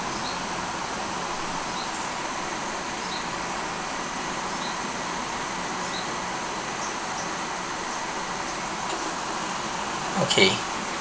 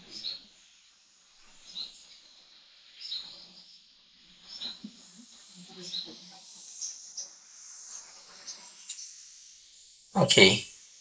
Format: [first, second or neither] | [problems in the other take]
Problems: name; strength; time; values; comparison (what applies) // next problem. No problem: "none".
first | noise reduction (neural mask model Resemble Enhance denoiser)